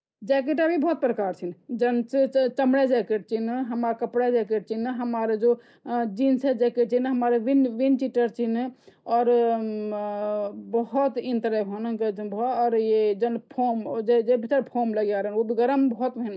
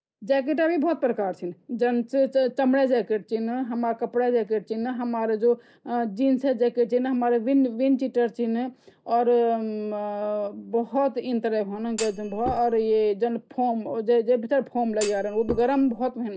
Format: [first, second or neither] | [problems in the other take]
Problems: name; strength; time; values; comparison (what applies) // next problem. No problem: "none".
first | background sound (Thump, thud); 13 dB below the speech